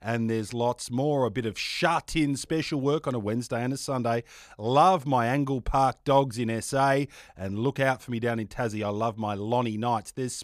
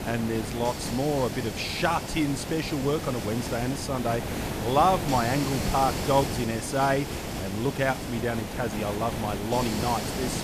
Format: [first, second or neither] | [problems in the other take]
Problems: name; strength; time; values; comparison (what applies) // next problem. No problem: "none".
first | hiss; loud; throughout; 5 dB below the speech